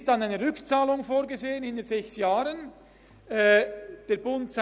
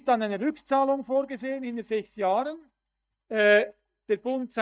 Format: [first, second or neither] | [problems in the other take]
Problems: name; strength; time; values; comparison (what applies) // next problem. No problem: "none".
first | noise reduction (neural mask model DeepFilterNet 3)